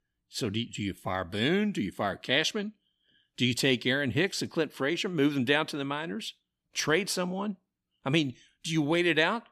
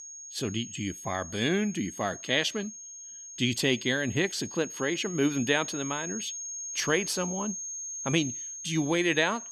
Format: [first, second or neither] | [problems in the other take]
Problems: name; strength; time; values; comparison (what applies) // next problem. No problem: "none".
first | high-pitched whine; loud; throughout; 6.5 kHz, 8 dB below the speech